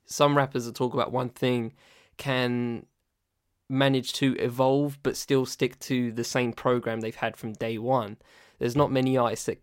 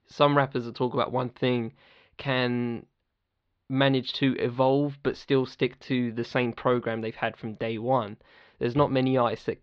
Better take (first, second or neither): first